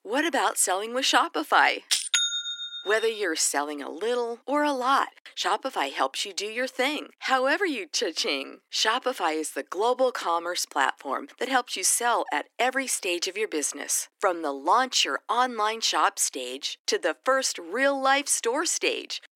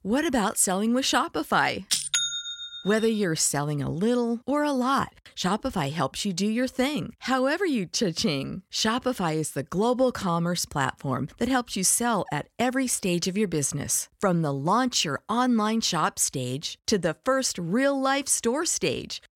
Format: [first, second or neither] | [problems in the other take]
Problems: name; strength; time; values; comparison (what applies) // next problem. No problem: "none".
second | thin; somewhat; fading below 300 Hz